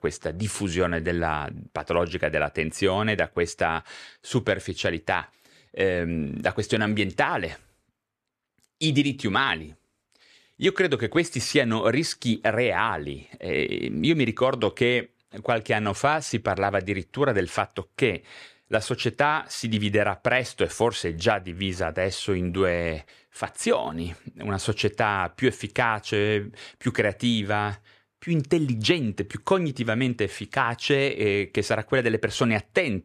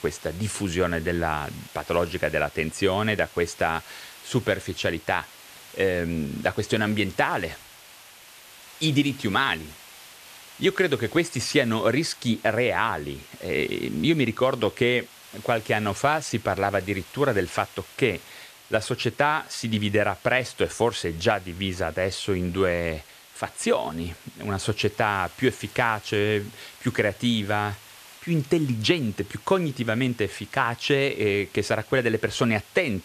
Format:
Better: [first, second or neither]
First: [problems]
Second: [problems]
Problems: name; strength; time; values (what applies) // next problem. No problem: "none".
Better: first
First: none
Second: hiss; faint; throughout; 20 dB below the speech